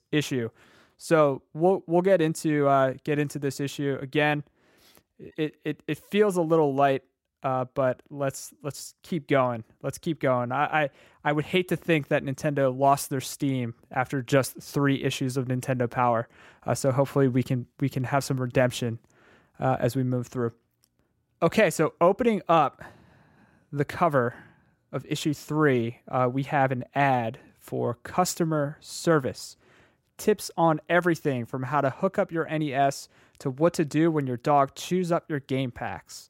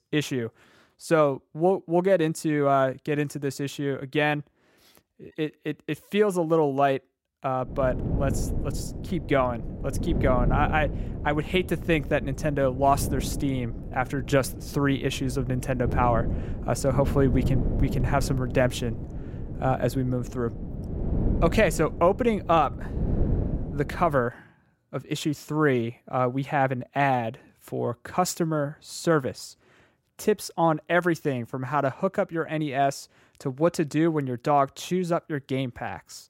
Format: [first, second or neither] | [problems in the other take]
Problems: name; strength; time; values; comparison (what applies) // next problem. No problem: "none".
first | wind noise on the microphone; occasional gusts; from 7.5 to 24 s; 15 dB below the speech